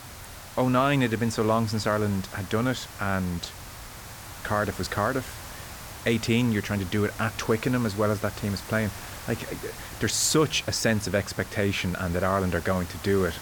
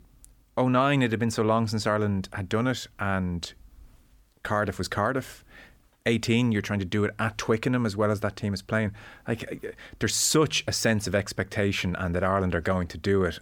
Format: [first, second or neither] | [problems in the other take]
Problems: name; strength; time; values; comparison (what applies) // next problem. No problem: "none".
second | hiss; noticeable; throughout; 15 dB below the speech